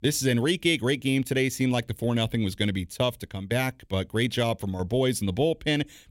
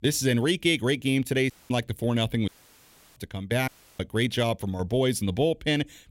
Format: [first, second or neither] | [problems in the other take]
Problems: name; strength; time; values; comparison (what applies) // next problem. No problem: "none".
first | audio cutting out; at 1.5 s, at 2.5 s for 0.5 s and at 3.5 s